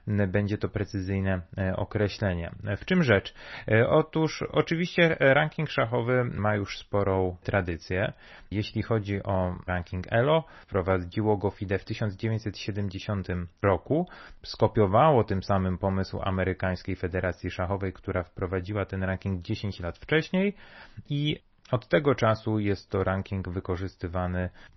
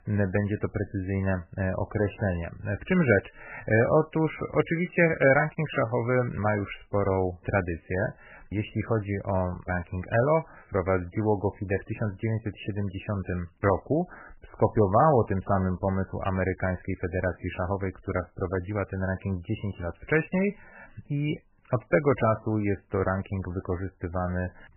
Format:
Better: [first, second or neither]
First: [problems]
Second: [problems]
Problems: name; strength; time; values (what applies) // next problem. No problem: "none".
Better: first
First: garbled, watery; slightly; nothing above 6 kHz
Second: garbled, watery; badly; nothing above 2.5 kHz